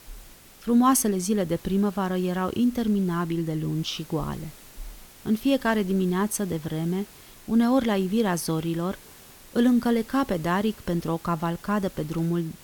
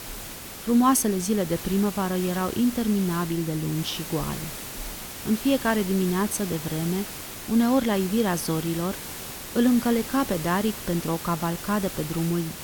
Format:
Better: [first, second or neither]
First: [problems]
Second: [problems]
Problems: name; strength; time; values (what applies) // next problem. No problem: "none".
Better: first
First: hiss; faint; throughout; 20 dB below the speech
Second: hiss; loud; throughout; 10 dB below the speech